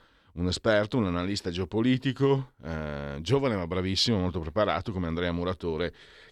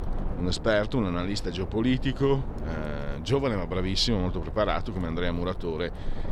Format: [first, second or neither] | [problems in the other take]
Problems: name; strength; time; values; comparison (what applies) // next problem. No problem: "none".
first | wind noise on the microphone; occasional gusts; 15 dB below the speech